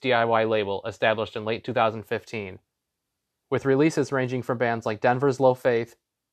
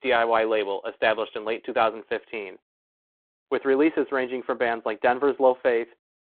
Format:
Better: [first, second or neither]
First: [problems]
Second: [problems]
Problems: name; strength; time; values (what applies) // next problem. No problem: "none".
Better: first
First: none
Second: phone-call audio